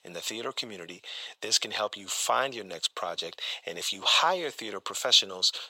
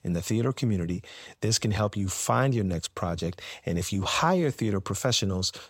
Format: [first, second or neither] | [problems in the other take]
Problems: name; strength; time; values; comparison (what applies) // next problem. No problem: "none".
second | thin; very; fading below 650 Hz